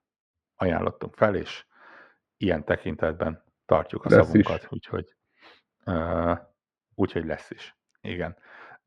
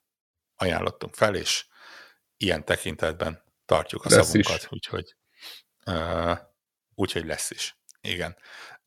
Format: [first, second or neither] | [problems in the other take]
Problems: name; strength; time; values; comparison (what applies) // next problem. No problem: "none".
second | muffled; very; fading above 1.5 kHz